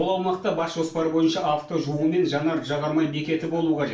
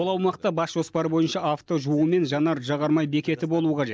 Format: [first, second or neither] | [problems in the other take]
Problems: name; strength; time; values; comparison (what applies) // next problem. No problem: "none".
second | room echo; dies away in 0.4 s